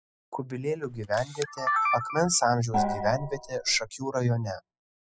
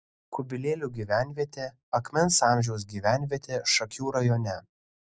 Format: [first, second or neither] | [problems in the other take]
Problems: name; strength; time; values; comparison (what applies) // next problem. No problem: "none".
second | noise reduction (classical method spectral subtraction)